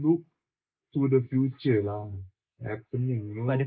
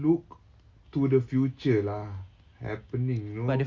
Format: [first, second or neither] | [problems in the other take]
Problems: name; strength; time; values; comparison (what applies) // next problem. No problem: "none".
second | noise reduction (neural mask model Resemble Enhance denoiser)